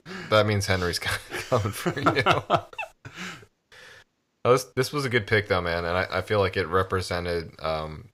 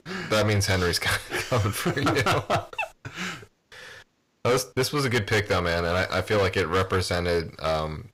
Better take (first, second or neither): first